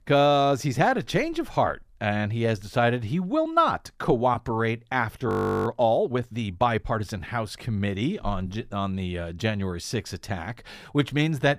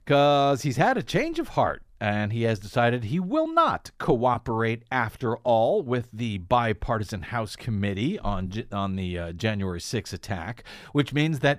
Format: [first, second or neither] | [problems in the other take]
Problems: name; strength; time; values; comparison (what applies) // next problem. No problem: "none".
second | audio freezing; at 5.5 s